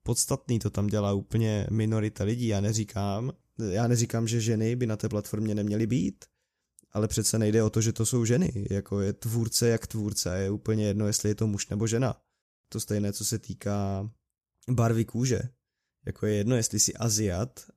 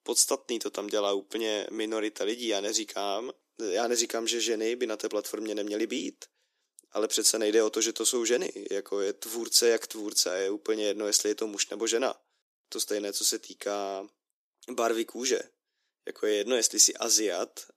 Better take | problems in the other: first | thin; very; fading below 300 Hz

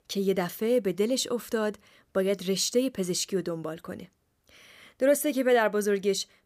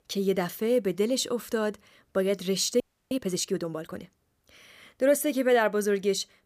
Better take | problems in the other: first | audio freezing; at 3 s

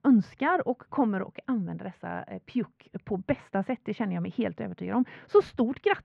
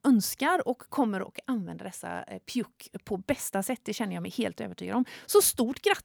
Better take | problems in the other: second | muffled; very; fading above 2.5 kHz

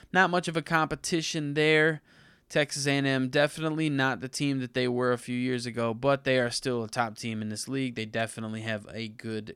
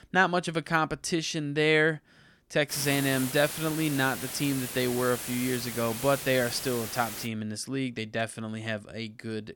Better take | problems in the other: first | hiss; loud; from 2.5 to 7.5 s; 7 dB below the speech

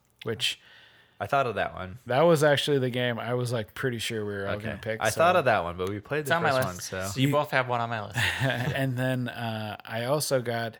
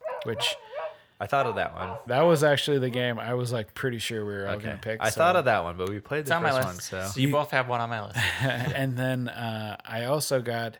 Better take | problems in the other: first | dog barking; noticeable; until 3 s; peak 9 dB below the speech

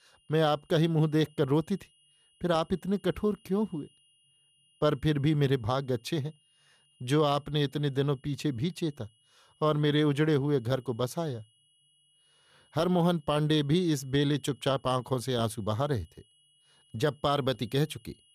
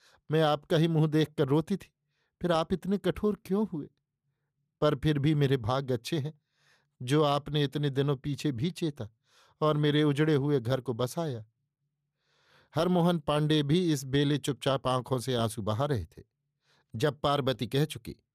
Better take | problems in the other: second | high-pitched whine; faint; throughout; 3 kHz, 35 dB below the speech

